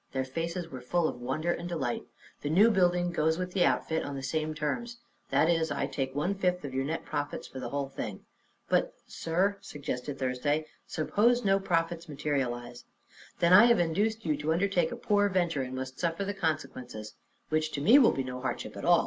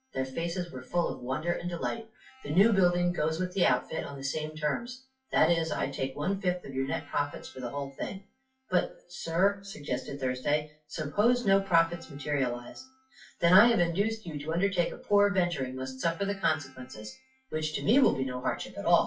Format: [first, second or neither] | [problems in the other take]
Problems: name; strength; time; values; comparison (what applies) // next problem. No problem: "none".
first | noise reduction (classical method WPE with log-MMSE)